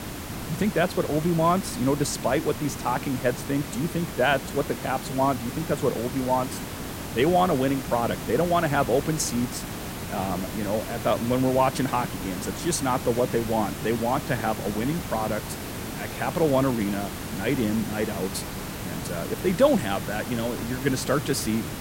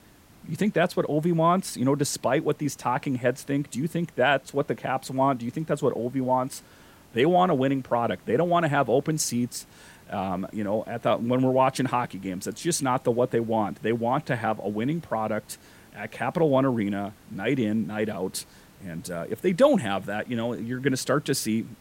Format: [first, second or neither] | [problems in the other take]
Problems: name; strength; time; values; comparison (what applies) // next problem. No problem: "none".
second | hiss; loud; throughout; 8 dB below the speech; faint in the second